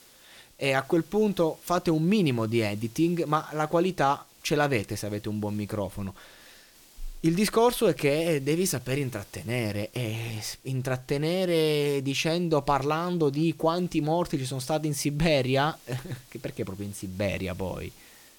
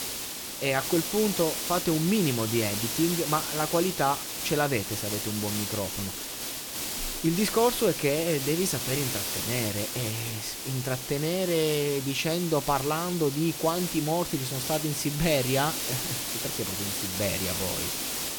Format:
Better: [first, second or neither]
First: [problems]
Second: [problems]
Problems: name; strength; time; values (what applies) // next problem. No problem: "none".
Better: first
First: hiss; faint; throughout; 25 dB below the speech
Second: hiss; loud; throughout; 2 dB below the speech